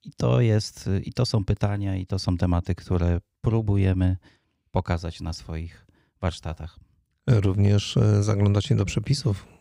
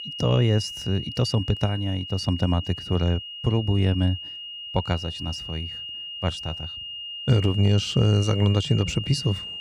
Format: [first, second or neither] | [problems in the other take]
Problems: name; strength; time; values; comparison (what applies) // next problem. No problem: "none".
first | high-pitched whine; loud; throughout; 3 kHz, 9 dB below the speech